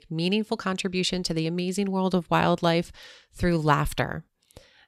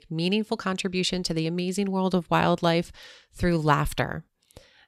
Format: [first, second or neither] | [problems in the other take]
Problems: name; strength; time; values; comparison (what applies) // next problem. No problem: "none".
neither | none